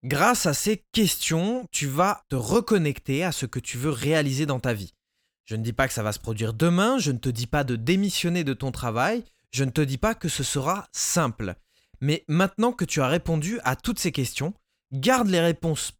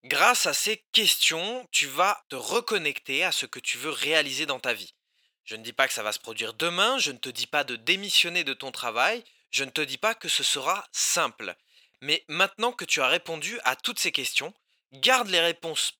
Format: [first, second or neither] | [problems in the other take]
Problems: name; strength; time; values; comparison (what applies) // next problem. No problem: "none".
first | thin; very; fading below 550 Hz